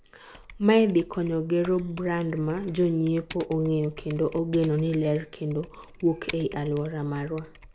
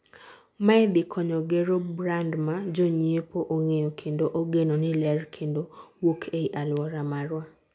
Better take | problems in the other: second | background sound (Typing); 20 dB below the speech

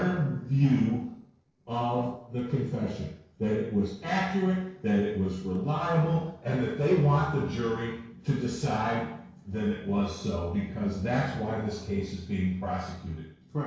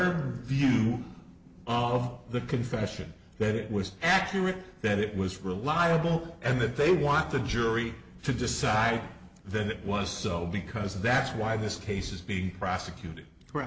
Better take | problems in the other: second | noise reduction (neural separator model SepFormer DNS4)

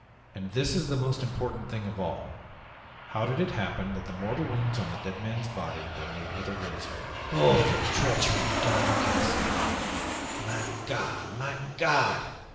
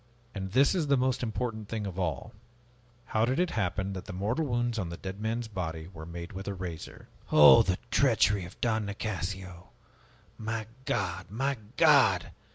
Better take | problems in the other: second | background sound (Aircraft); 3 dB below the speech // room echo; dies away in 0.9 s

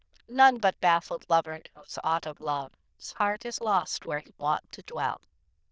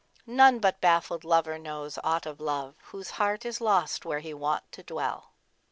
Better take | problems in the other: second | noise reduction (neural diffusion model UNIVERSE++)

